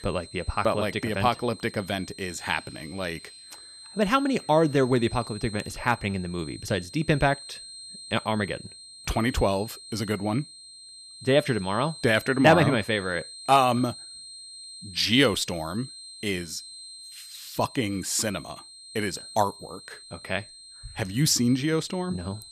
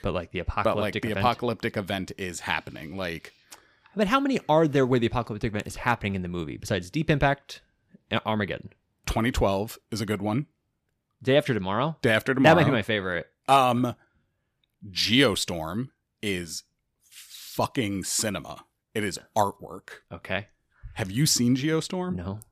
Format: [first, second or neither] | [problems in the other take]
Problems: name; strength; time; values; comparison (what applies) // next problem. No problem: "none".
second | high-pitched whine; noticeable; throughout; 4 kHz, 15 dB below the speech